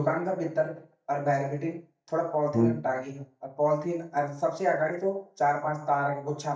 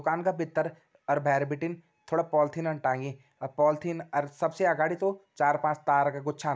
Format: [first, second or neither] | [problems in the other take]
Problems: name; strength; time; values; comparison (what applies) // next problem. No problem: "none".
second | noise reduction (neural mask model DeepFilterNet 3)